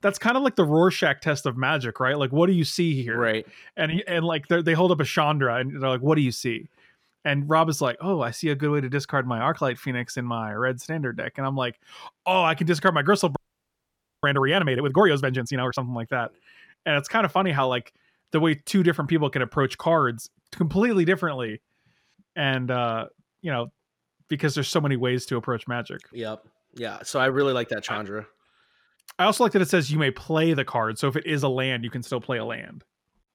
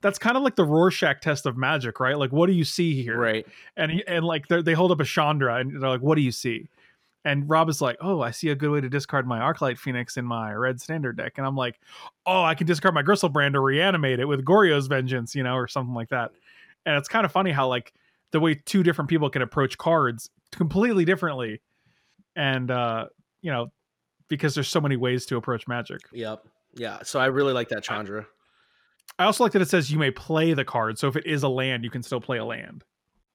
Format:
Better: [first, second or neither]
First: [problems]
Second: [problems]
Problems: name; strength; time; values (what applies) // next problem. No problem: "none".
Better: second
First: audio freezing; at 13 s for 1 s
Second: none